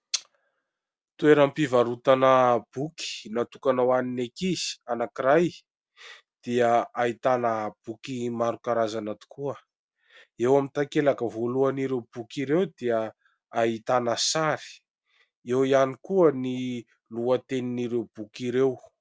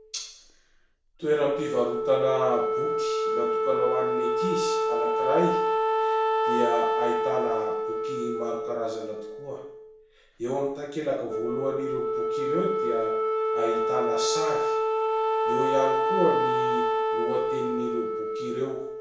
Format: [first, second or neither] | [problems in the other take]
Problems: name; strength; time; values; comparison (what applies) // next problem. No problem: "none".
first | background sound (Wind instrument, woodwind instrument); 4 dB above the speech // room echo; dies away in 0.6 s